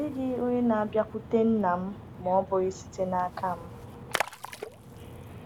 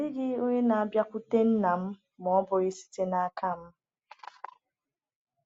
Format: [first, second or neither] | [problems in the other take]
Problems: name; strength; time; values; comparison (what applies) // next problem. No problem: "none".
second | background sound (Splash, splatter); 11 dB below the speech